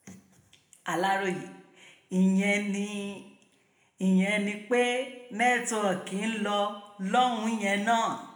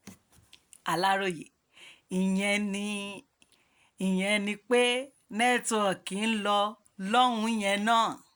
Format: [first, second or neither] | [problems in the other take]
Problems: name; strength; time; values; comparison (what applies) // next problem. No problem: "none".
second | room echo; dies away in 0.7 s